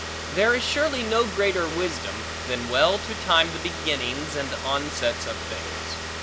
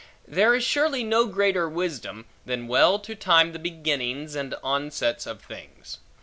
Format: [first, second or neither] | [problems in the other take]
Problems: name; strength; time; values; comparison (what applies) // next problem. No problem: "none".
second | background sound (Car); 6 dB below the speech